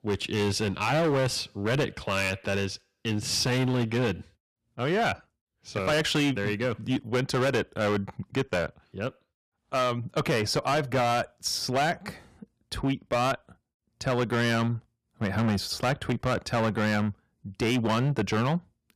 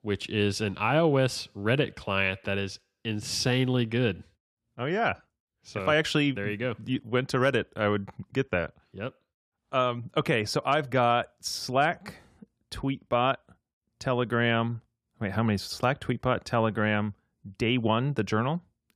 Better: second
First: distortion; heavy; 13% of the sound clipped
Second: none

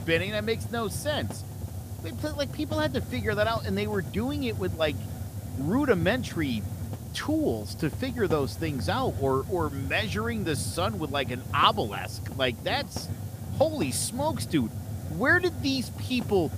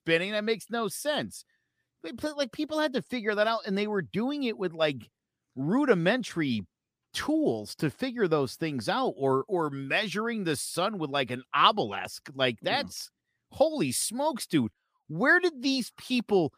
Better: second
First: hiss; loud; throughout; 8 dB below the speech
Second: none

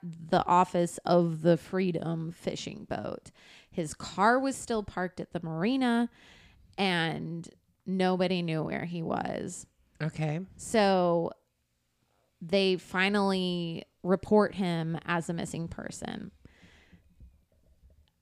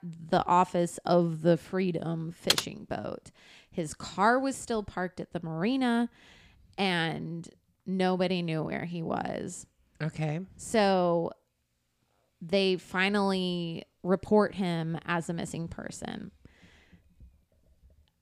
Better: first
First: none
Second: keyboard typing; loud; at 2.5 s; peak 2 dB above the speech

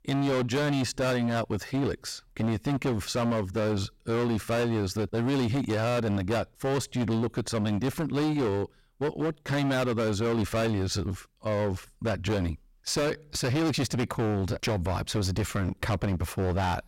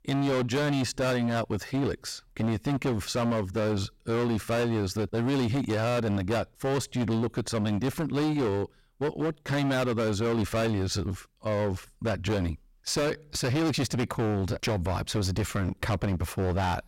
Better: neither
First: distortion; heavy; 24% of the sound clipped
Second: distortion; heavy; 24% of the sound clipped

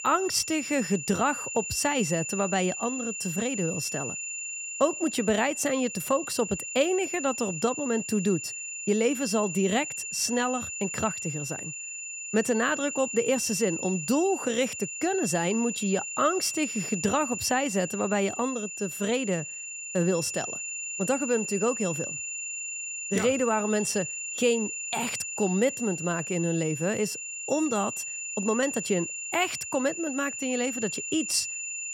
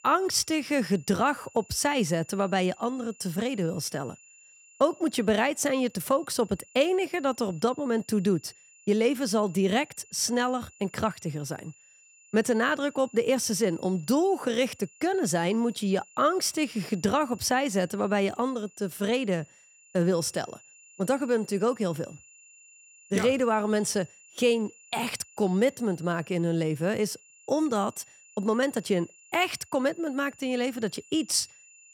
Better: second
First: high-pitched whine; loud; throughout; 7 kHz, 5 dB below the speech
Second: high-pitched whine; faint; throughout; 7 kHz, 25 dB below the speech

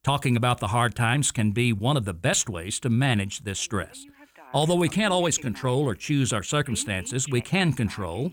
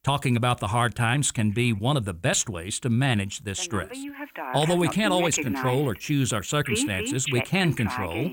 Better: first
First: alarms or sirens; faint; throughout; 20 dB below the speech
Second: alarms or sirens; loud; throughout; 7 dB below the speech

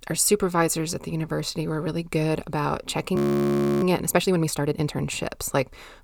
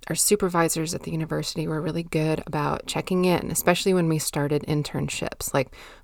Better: second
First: audio freezing; at 3 s for 0.5 s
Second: none

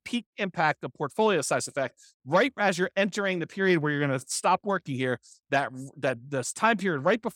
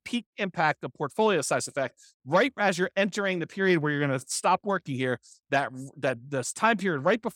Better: neither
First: none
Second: none

